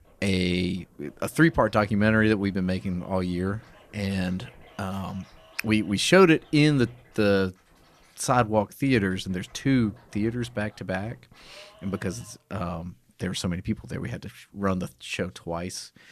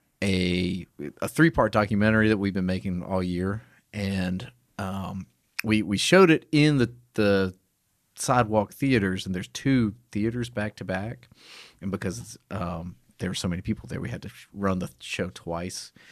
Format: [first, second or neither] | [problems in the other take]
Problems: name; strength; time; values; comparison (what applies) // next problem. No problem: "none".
second | background music; faint; throughout; 30 dB below the speech